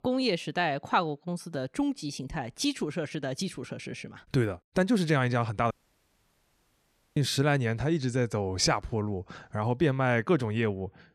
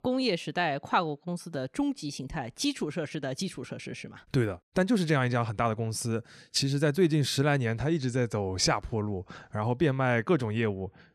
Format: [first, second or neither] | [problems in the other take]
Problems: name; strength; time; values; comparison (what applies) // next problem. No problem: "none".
second | audio cutting out; at 5.5 s for 1.5 s